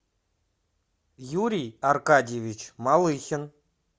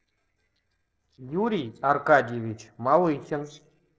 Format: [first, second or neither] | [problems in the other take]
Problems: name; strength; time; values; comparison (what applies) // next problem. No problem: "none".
first | noise reduction (neural separator model SepFormer DNS4)